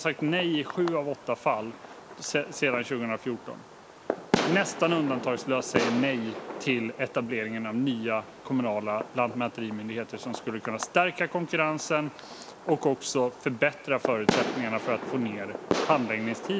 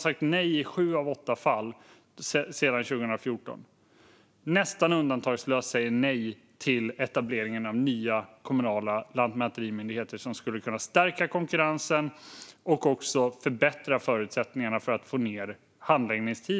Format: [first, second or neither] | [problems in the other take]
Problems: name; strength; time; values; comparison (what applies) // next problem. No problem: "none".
second | background sound (Fireworks); 7 dB below the speech